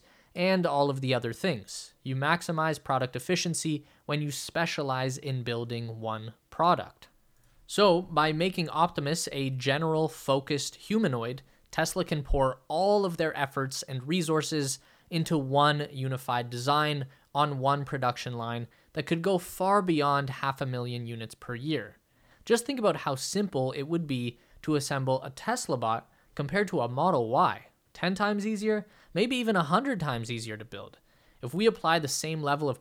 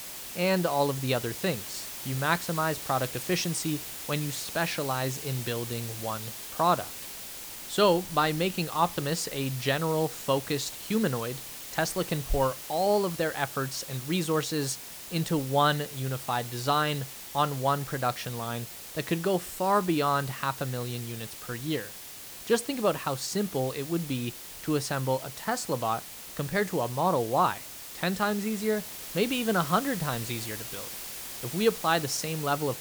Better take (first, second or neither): first